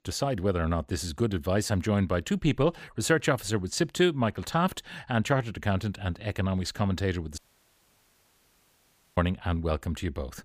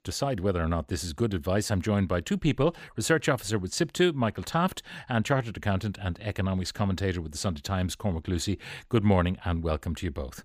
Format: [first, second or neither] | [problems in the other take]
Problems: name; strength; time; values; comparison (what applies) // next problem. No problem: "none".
second | audio cutting out; at 7.5 s for 2 s